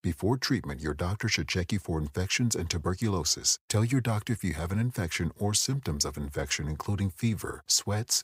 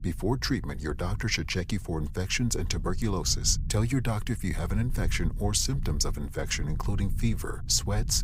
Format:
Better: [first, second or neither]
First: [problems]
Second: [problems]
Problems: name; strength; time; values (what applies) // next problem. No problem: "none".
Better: first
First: none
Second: low rumble; faint; throughout; 20 dB below the speech